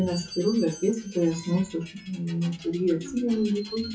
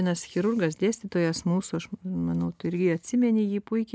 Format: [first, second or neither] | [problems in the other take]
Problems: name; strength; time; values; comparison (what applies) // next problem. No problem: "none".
second | noise reduction (classical method WPE with log-MMSE)